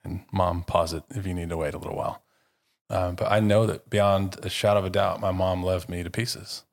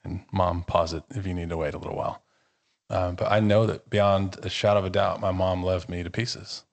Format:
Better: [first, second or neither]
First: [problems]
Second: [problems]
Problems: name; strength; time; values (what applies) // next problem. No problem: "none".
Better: first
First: none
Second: garbled, watery; slightly; nothing above 8 kHz